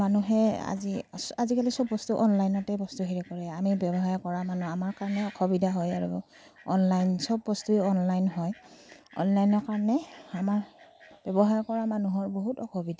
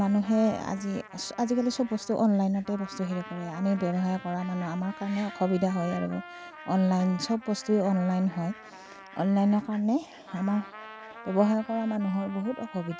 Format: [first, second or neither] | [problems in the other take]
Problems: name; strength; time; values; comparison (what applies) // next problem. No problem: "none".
first | background sound (Trumpet); 17 dB below the speech